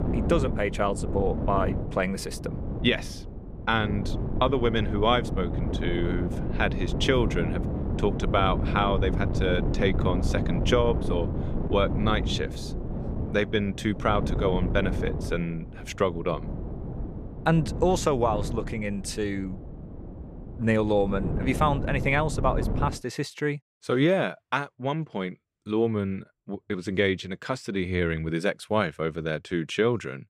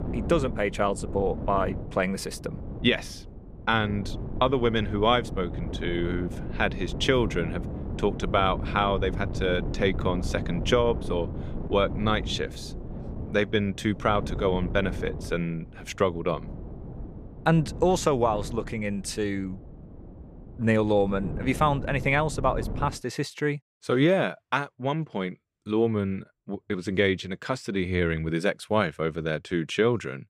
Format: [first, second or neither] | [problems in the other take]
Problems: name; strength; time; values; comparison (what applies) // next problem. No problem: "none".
second | wind noise on the microphone; heavy; until 23 s; 10 dB below the speech; occasional gusts in the second